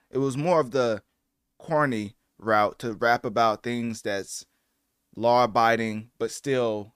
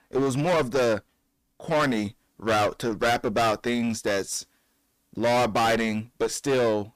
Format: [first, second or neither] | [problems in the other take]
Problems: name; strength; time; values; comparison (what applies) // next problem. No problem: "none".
first | distortion; heavy; 18% of the sound clipped